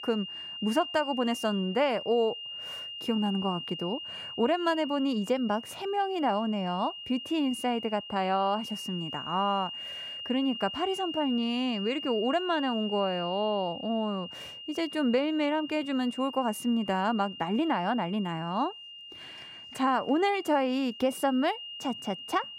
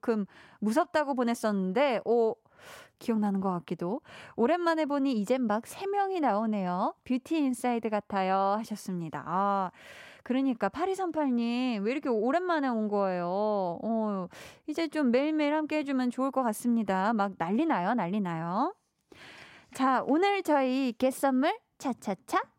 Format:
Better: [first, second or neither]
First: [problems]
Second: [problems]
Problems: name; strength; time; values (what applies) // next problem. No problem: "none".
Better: second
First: high-pitched whine; loud; throughout; 3 kHz, 9 dB below the speech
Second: none